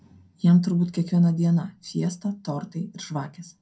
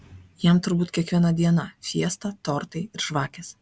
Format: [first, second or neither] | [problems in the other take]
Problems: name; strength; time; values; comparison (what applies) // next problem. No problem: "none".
second | room echo; dies away in 0.2 s